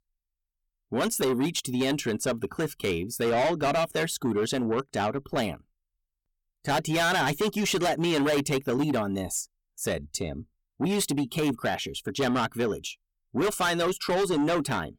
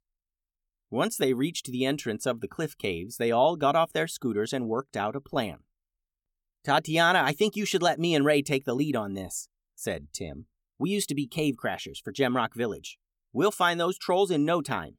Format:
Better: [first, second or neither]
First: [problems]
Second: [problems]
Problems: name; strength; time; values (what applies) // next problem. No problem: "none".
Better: second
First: distortion; heavy; 7 dB below the speech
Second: none